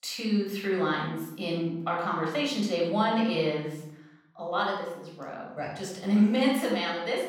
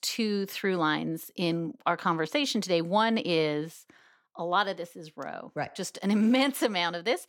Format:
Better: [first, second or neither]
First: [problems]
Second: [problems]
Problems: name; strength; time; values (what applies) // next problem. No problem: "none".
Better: second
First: off-mic speech; far // room echo; noticeable; dies away in 0.8 s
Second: none